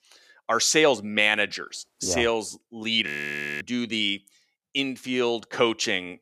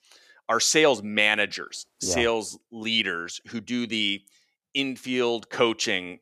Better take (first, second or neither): second